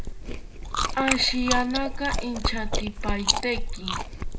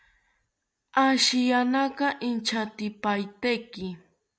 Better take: second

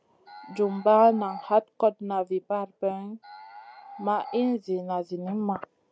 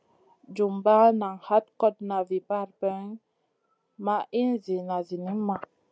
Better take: second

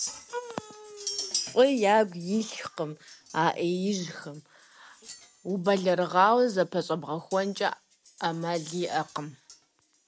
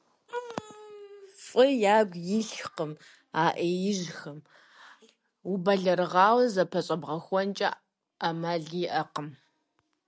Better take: second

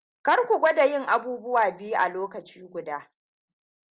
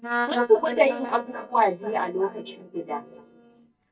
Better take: first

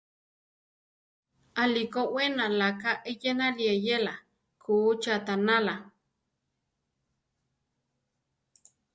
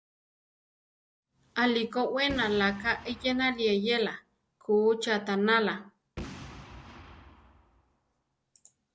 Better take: first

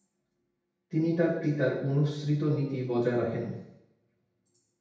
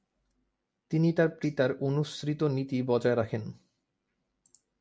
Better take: second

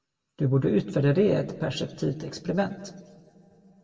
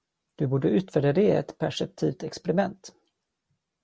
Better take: second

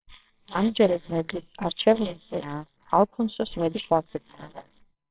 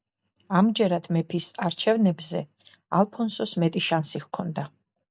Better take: second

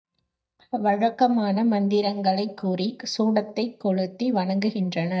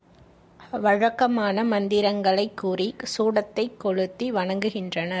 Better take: second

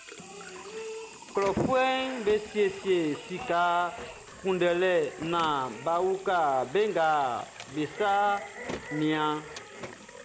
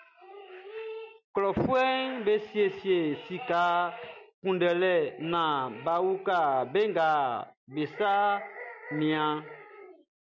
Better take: second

